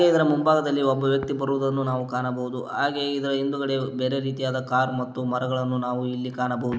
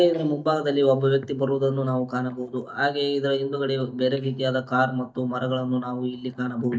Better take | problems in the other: first | noise reduction (neural mask model DeepFilterNet 3)

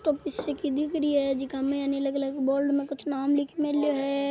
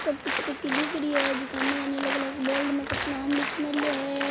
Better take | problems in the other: first | background sound (Applause); 2 dB below the speech

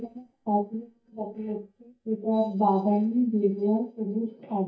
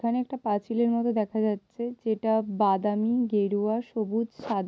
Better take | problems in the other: second | noise reduction (neural mask model DeepFilterNet 3)

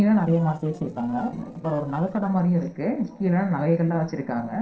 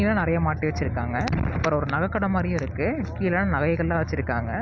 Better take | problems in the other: second | noise reduction (neural separator model SepFormer DNS4)

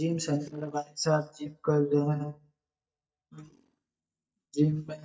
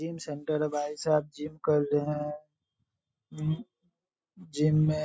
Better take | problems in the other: second | noise reduction (neural mask model DeepFilterNet 3)

